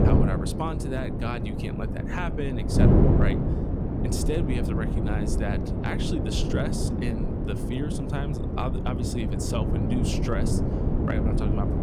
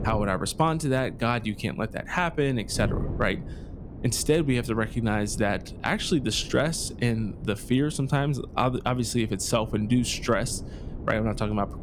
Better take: second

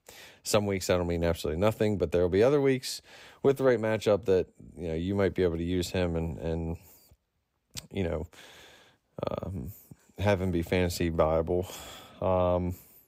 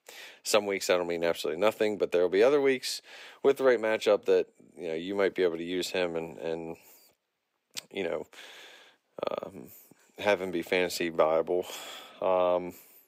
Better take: first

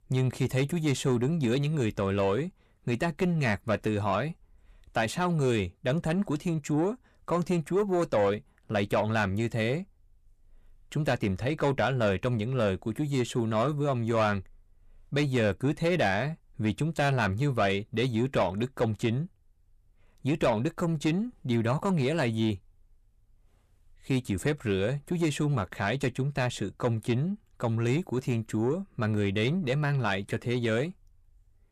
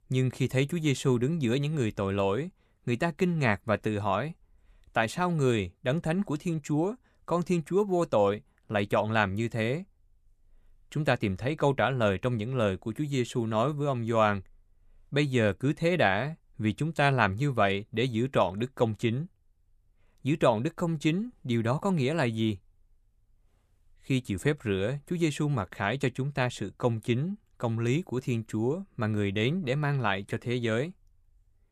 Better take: second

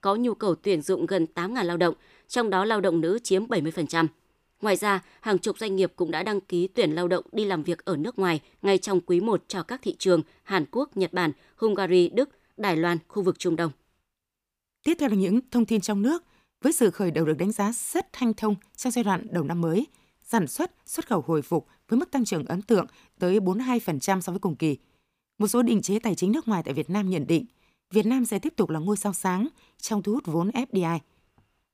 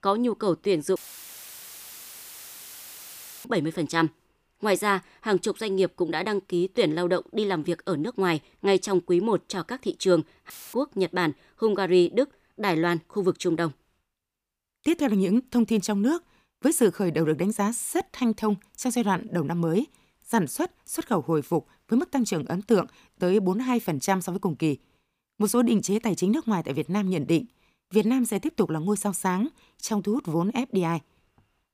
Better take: first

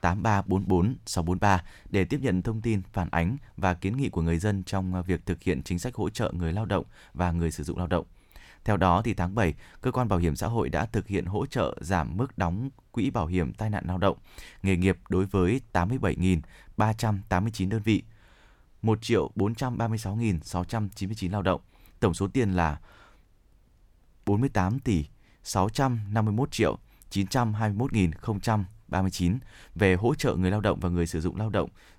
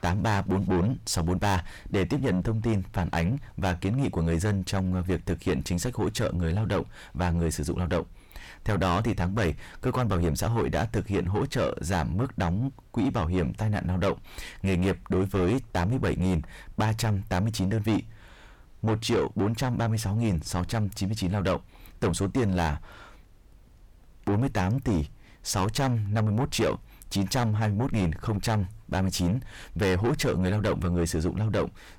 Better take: first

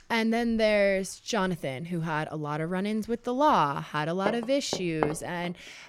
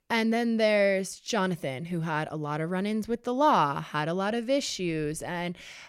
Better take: second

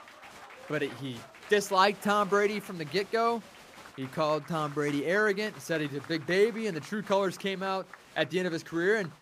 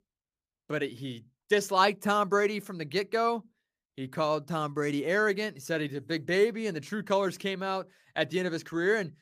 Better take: second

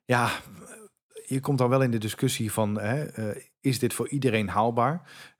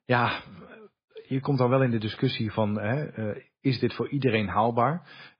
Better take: first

